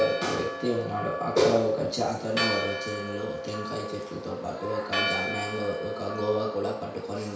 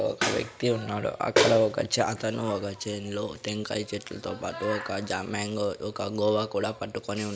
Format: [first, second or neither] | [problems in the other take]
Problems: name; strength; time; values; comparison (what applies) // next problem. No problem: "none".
second | background sound (Church bell); 6 dB below the speech // room echo; dies away in 0.6 s